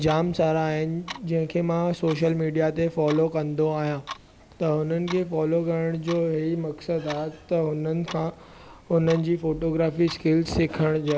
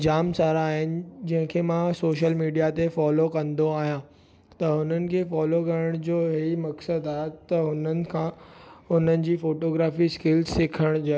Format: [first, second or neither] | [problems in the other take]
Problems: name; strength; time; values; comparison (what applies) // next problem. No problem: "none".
second | background sound (Clock); 19 dB below the speech